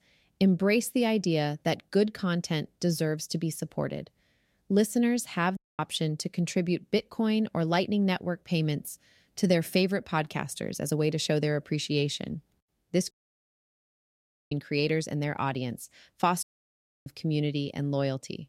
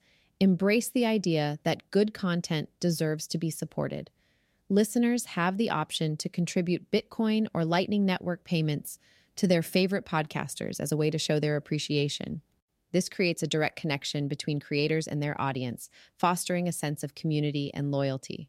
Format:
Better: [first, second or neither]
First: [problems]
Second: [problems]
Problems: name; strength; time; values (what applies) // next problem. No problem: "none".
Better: second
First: audio cutting out; at 5.5 s, at 13 s for 1.5 s and at 16 s for 0.5 s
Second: none